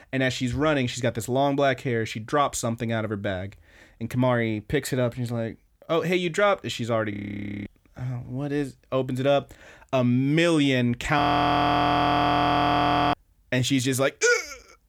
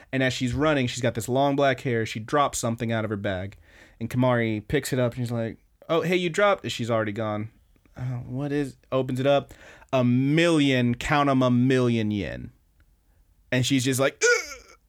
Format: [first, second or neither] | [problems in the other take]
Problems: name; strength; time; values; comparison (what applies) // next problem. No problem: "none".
second | audio freezing; at 7 s for 0.5 s and at 11 s for 2 s